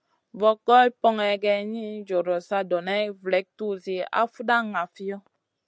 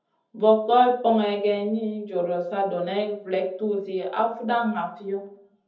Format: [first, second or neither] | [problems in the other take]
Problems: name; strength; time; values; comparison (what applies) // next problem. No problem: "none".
first | room echo; dies away in 0.7 s